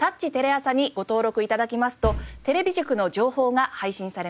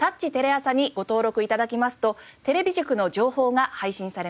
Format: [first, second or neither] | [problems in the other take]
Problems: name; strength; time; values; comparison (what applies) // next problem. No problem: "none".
second | background sound (Bass drum); 8 dB below the speech